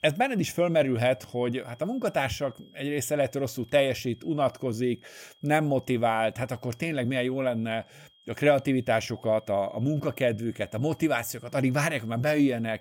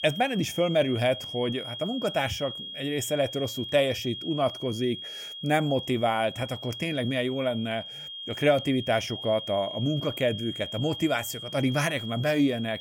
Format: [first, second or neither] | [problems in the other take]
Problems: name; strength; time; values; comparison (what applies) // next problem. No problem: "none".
first | high-pitched whine; loud; throughout; 3.5 kHz, 9 dB below the speech; faint in the first